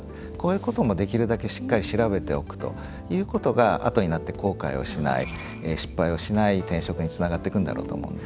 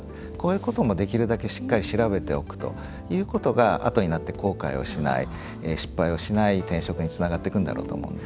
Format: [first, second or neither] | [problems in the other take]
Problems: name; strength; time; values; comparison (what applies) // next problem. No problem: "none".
second | background sound (Bell); 19 dB below the speech